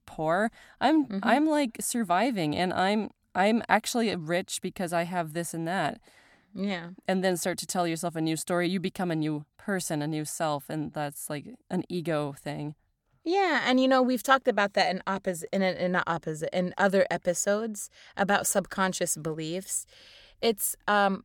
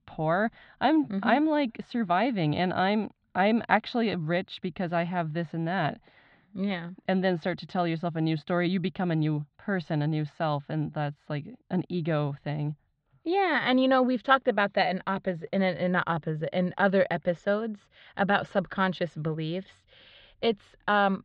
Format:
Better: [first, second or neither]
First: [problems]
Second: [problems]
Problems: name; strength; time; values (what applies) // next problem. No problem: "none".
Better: first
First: none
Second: muffled; slightly; fading above 3.5 kHz